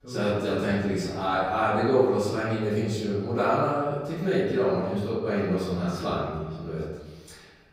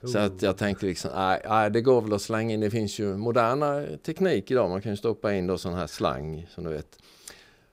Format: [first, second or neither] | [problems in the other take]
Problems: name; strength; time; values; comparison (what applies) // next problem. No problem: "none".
second | room echo; strong; dies away in 1.2 s // off-mic speech; far